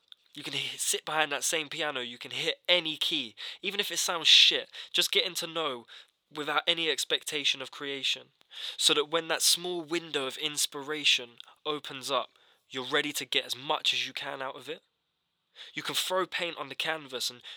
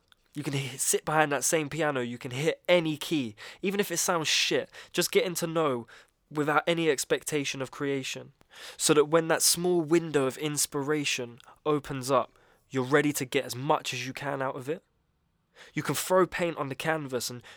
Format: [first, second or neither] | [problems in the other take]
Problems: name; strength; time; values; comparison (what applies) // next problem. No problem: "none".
second | thin; very slightly; fading below 550 Hz